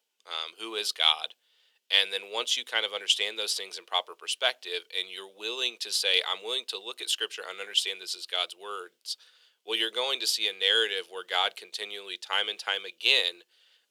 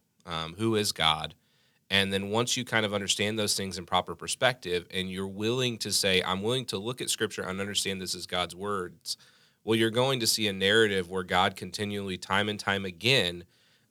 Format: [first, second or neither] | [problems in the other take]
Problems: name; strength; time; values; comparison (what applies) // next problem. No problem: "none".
second | thin; very; fading below 400 Hz